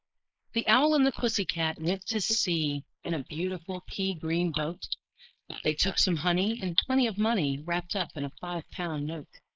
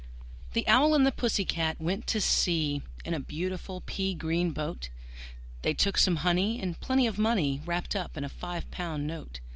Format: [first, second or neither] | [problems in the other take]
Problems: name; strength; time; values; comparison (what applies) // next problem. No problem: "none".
second | noise reduction (neural mask model Resemble Enhance denoiser)